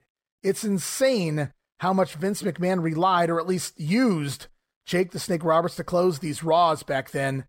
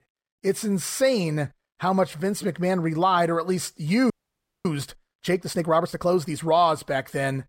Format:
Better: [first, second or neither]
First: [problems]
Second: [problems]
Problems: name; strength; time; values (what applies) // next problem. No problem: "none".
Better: first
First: none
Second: audio freezing; at 4 s for 0.5 s